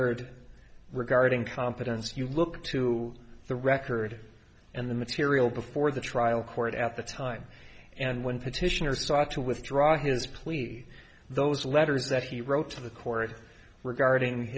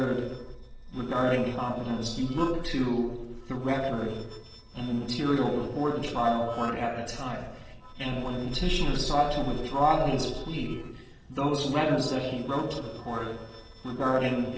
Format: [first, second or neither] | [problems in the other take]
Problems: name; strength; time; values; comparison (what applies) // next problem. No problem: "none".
first | noise reduction (neural separator model SepFormer DNS4)